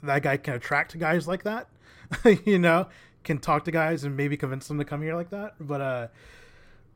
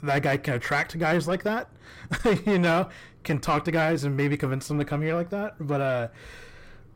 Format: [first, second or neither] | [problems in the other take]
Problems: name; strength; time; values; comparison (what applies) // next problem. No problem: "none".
first | distortion; heavy; 6 dB below the speech